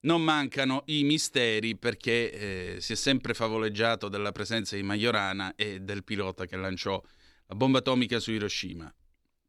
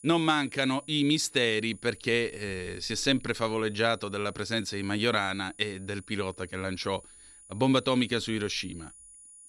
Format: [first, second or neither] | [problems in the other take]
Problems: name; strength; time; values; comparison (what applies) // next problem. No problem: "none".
first | high-pitched whine; faint; throughout; 9.5 kHz, 20 dB below the speech